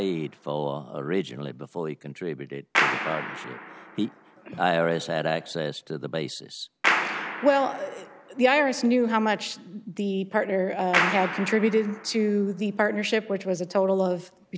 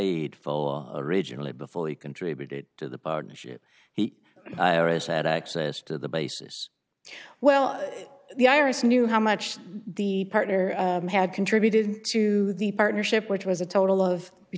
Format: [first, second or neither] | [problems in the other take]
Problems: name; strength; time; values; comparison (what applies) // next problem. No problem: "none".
second | background sound (Clapping); 7 dB below the speech